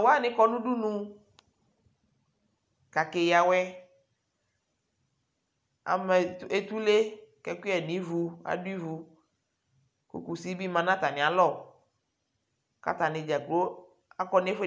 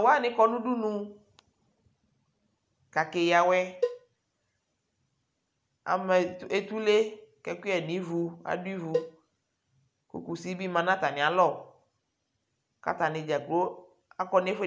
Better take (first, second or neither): first